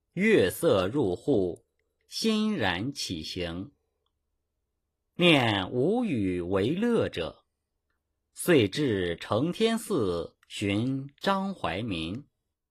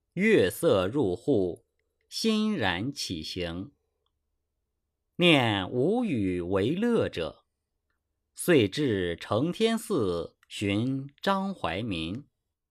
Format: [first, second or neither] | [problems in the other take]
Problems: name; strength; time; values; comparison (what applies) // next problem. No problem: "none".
second | garbled, watery; slightly; nothing above 14.5 kHz